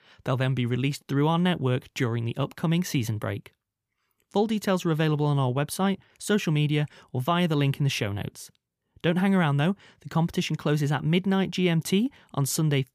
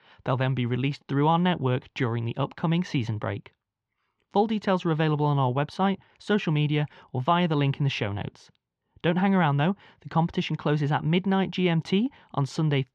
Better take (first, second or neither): first